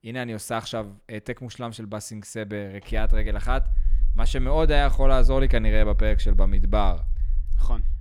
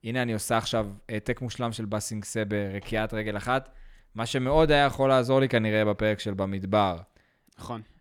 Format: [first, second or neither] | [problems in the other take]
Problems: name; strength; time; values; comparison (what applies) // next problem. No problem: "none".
second | low rumble; faint; from 3 s on; 25 dB below the speech